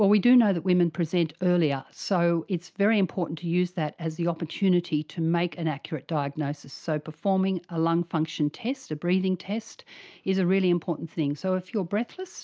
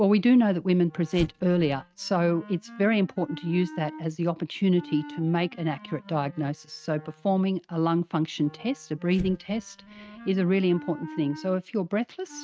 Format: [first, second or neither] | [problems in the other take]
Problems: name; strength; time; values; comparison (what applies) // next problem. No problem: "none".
first | noise reduction (neural mask model RNNoise)